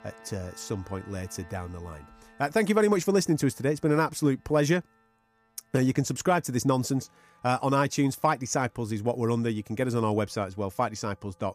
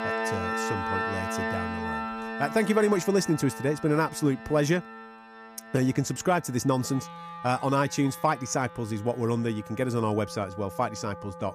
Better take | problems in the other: first | background music; loud; throughout; 8 dB below the speech; faint in the first

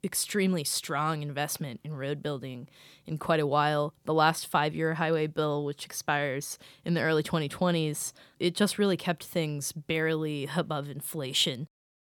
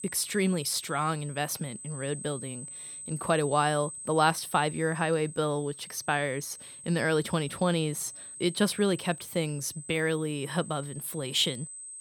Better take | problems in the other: first | high-pitched whine; noticeable; throughout; 8 kHz, 10 dB below the speech

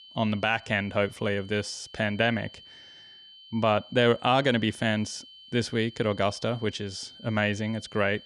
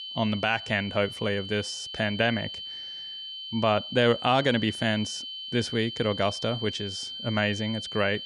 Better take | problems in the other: first | high-pitched whine; loud; throughout; 3 kHz, 8 dB below the speech; faint in the first

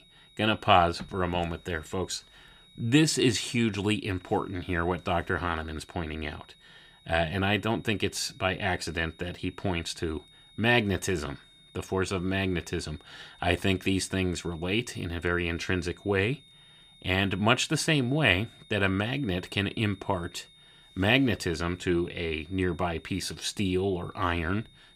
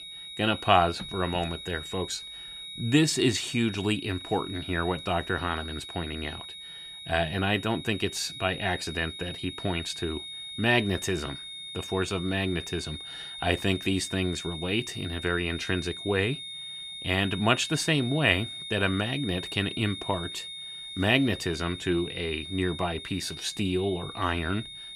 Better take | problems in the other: first | high-pitched whine; loud; throughout; 3.5 kHz, 9 dB below the speech; faint in the first

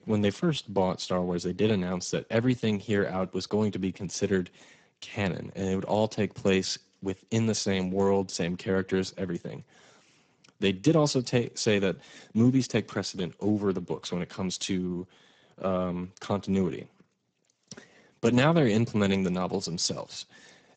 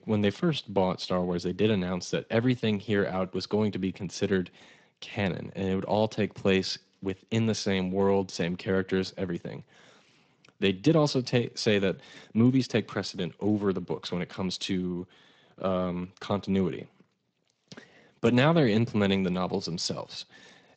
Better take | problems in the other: second | garbled, watery; badly; nothing above 7.5 kHz; slightly in the second

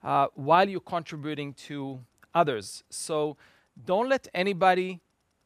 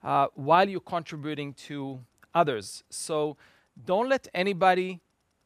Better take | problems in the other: neither | none

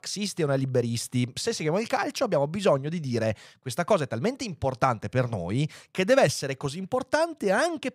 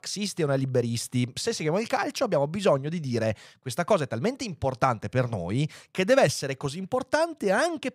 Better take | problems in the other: neither | none

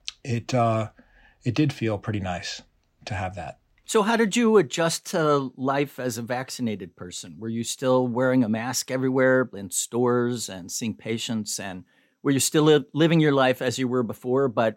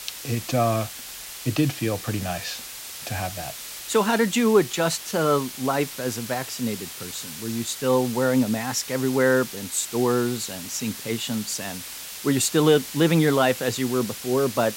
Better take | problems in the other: first | hiss; noticeable; throughout; 10 dB below the speech

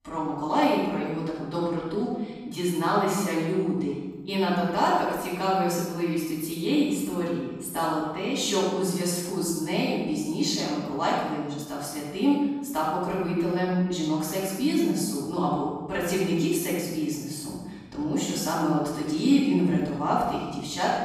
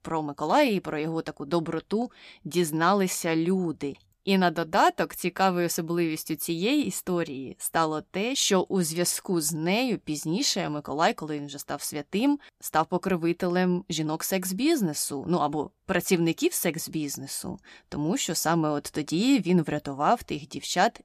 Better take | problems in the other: second | off-mic speech; far // room echo; strong; dies away in 1.3 s

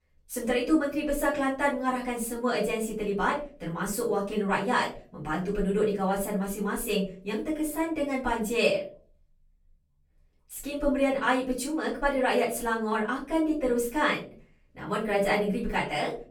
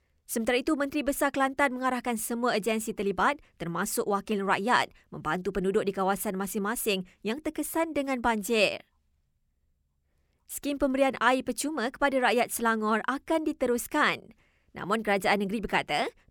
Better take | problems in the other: second | off-mic speech; far // room echo; slight; dies away in 0.4 s

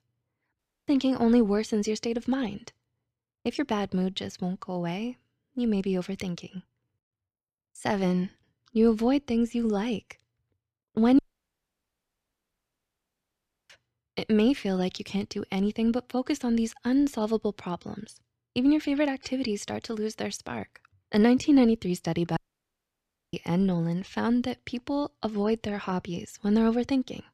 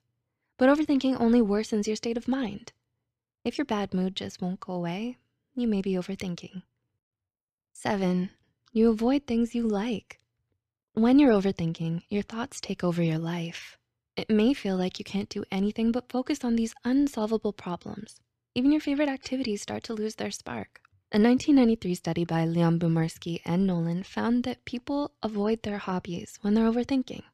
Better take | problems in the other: second | audio cutting out; at 0.5 s, at 11 s for 2.5 s and at 22 s for 1 s

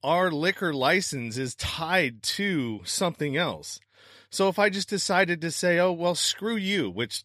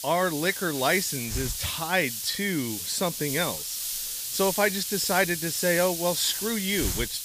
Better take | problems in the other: first | hiss; loud; throughout; 3 dB below the speech

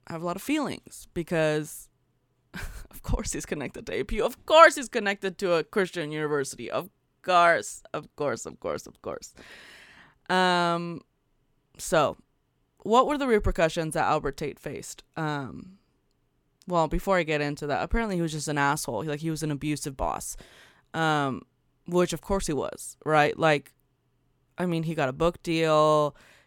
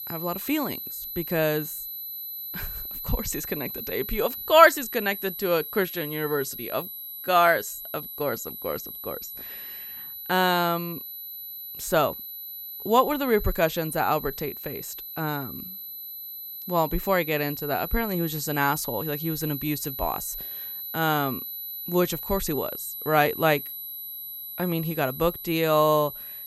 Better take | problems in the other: first | high-pitched whine; loud; throughout; 12 kHz, 8 dB below the speech

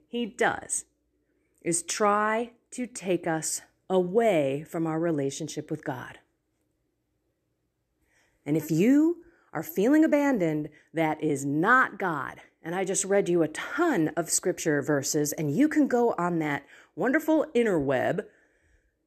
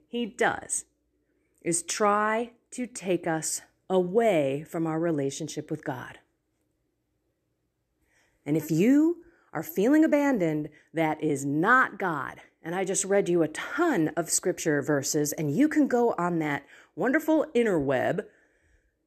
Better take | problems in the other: neither | none

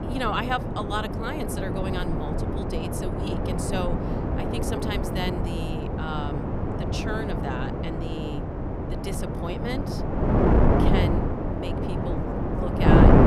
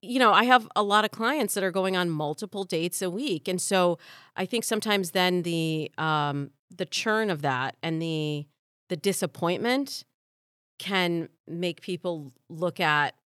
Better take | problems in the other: second | wind noise on the microphone; heavy; 2 dB above the speech

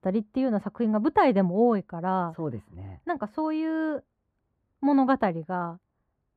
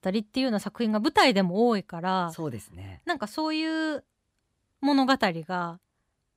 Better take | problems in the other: second | muffled; very; fading above 2.5 kHz

